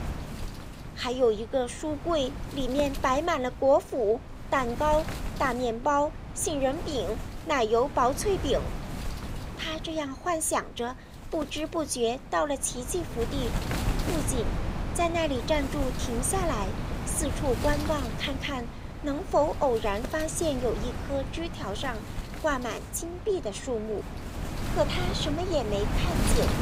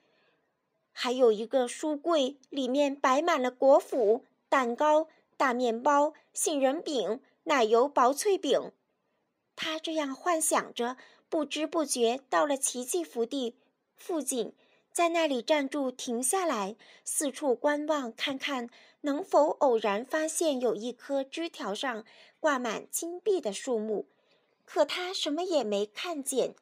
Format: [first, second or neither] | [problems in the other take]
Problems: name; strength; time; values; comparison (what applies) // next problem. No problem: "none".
second | wind noise on the microphone; occasional gusts; 10 dB below the speech